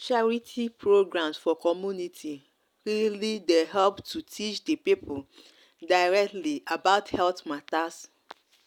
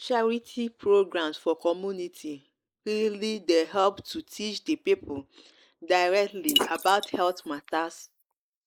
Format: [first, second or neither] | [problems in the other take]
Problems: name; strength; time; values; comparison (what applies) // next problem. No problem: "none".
first | noise reduction (neural mask model Resemble Enhance denoiser)